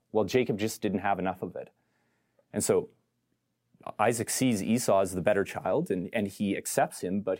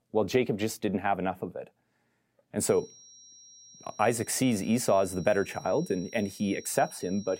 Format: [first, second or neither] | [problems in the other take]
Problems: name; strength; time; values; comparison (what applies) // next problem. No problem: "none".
first | high-pitched whine; faint; from 2.5 s on; 5.5 kHz, 20 dB below the speech